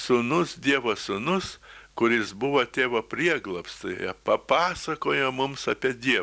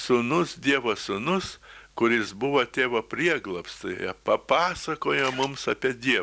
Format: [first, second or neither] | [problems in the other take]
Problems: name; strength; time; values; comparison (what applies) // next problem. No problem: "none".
first | background sound (Camera); 10 dB below the speech